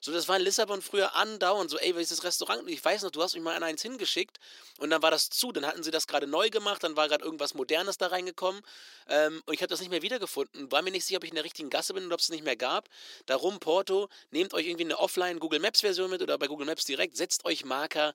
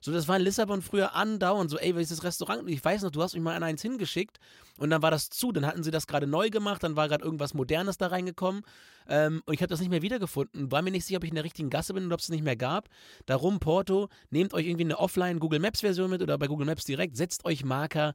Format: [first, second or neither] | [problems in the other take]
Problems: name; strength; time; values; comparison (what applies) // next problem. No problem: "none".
second | thin; somewhat; fading below 300 Hz